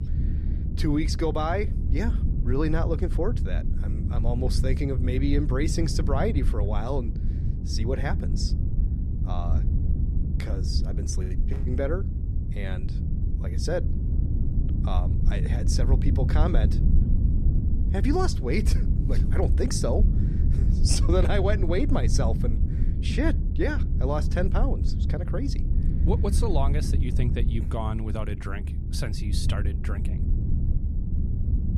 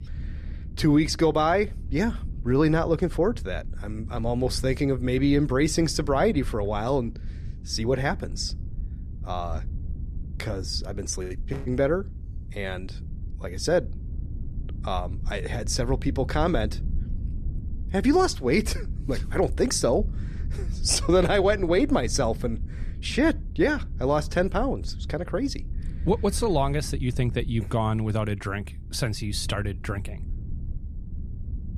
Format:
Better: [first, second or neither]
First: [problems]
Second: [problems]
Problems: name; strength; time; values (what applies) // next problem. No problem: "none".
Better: second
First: low rumble; loud; throughout; 8 dB below the speech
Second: low rumble; faint; throughout; 25 dB below the speech